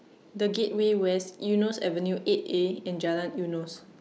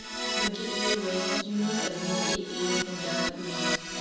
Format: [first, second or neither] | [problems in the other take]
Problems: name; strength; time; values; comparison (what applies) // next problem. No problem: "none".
first | background sound (Keyboard (musical)); 2 dB above the speech // room echo; dies away in 1.1 s